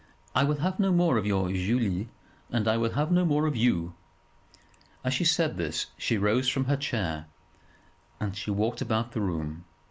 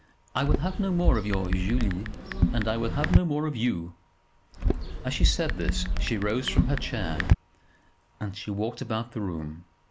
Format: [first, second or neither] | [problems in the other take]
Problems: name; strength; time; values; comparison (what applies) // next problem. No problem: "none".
first | background sound (Chatter / Chirp, tweet / Car passing by / Typing); 3 dB above the speech